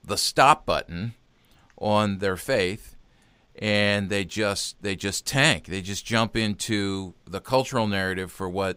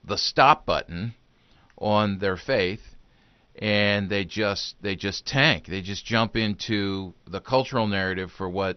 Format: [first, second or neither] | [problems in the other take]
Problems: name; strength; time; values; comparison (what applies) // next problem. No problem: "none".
first | garbled, watery; slightly; nothing above 6 kHz